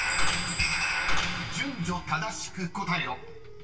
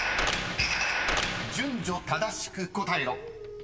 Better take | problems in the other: second | background sound (Squeak / Bell); 12 dB below the speech // room echo; dies away in 0.1 s

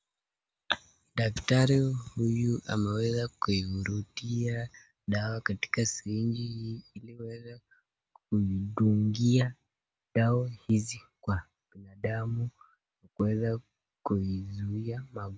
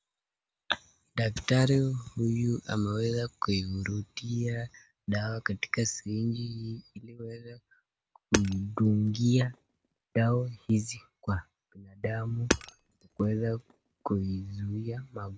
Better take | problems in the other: first | background sound (Hammer); 8 dB below the speech

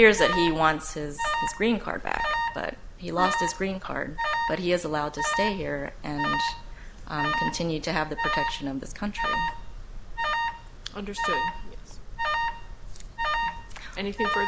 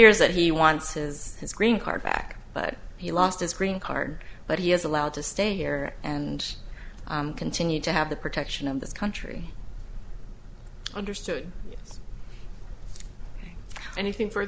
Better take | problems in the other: second | background sound (Alarm); 2 dB below the speech

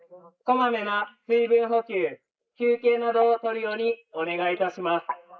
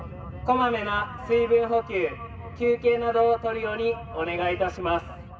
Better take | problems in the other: second | noise reduction (neural mask model Resemble Enhance denoiser)

